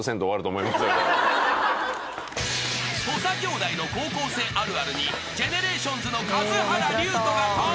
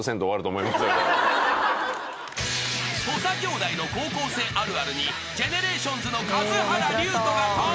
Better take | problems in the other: second | background sound (Bird); 19 dB below the speech

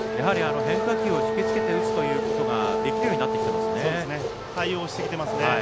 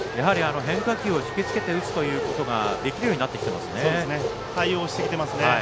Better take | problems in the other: second | background sound (Brass instrument); as loud as the speech

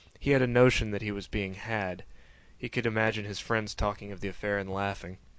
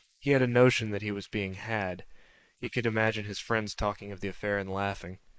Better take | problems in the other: first | noise reduction (neural mask model Resemble Enhance denoiser)

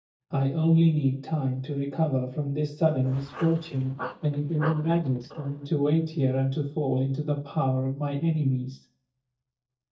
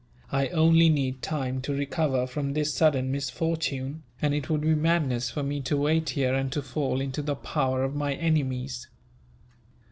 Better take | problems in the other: second | noise reduction (neural mask model DeepFilterNet 3)

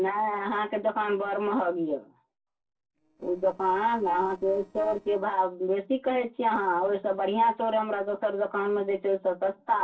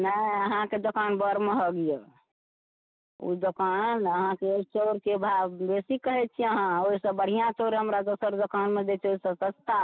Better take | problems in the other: second | noise reduction (neural separator model SepFormer DNS4)

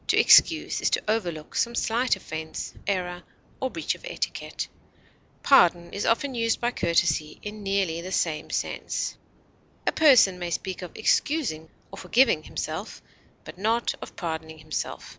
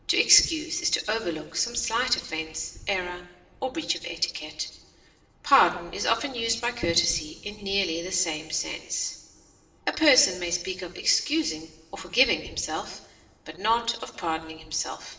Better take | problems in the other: first | room echo; dies away in 1.2 s

